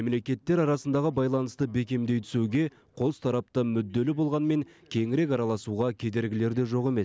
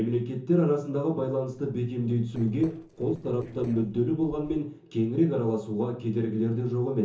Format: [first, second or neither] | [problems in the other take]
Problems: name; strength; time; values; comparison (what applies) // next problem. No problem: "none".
first | noise reduction (neural separator model SepFormer DNS4)